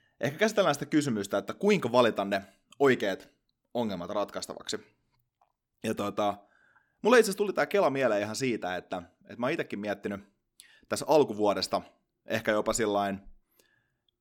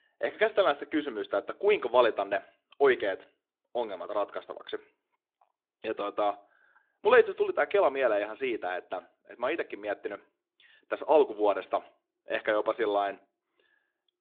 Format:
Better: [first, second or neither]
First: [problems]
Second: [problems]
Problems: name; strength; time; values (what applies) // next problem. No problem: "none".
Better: first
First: none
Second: phone-call audio; nothing above 3.5 kHz